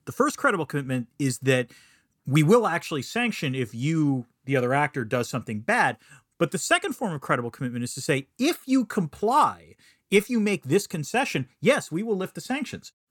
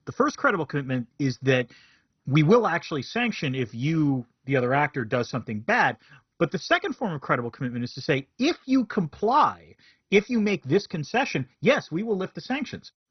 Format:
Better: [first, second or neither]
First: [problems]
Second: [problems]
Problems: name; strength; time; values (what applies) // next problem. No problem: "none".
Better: first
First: none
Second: garbled, watery; badly; nothing above 6 kHz